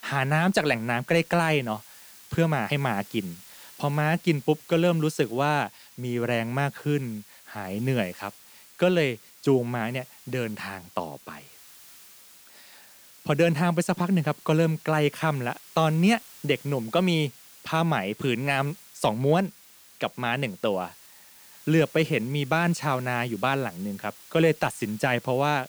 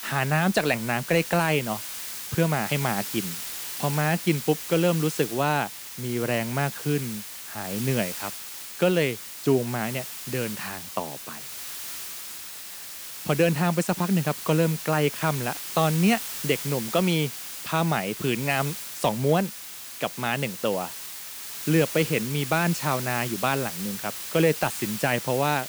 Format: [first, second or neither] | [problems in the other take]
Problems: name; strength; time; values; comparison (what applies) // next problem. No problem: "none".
first | hiss; loud; throughout; 8 dB below the speech; faint in the first